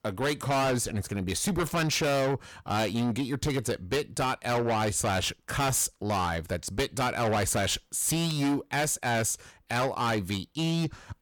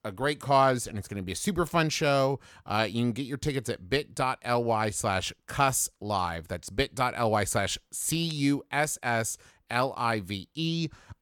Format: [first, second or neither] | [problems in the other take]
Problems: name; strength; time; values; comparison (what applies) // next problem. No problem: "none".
second | distortion; heavy; 6 dB below the speech